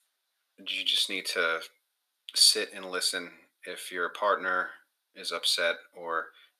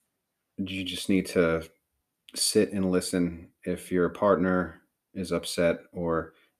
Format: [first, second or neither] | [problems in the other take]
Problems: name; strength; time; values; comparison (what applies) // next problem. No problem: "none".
second | thin; very; fading below 850 Hz